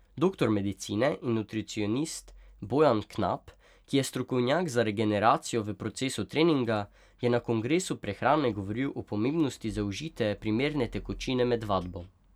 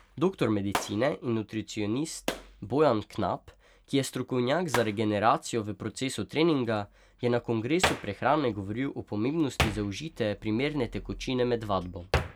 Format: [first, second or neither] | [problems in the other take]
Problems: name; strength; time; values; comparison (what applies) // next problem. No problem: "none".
first | background sound (Hands); 9 dB below the speech